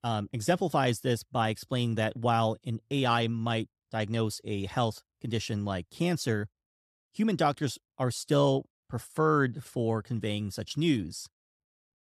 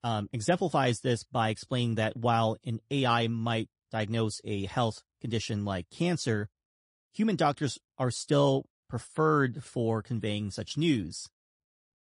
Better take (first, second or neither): first